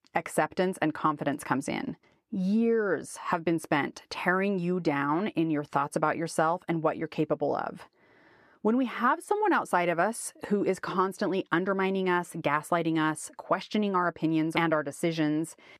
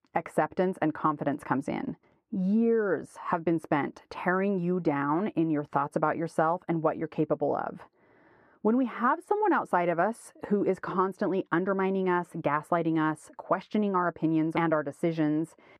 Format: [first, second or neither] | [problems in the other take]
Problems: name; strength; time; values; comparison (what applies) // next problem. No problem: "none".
first | muffled; slightly; fading above 2 kHz